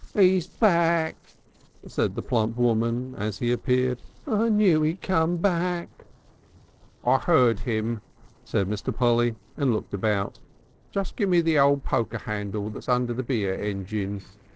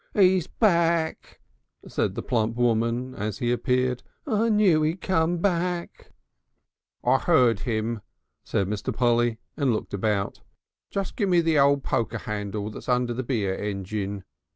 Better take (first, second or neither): second